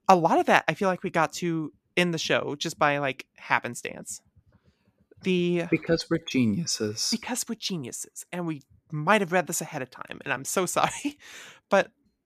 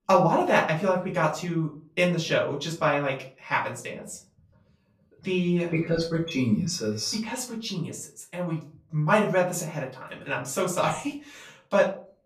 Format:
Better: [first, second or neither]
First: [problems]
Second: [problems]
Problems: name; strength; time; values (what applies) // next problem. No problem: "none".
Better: first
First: none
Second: room echo; slight; dies away in 0.3 s // off-mic speech; far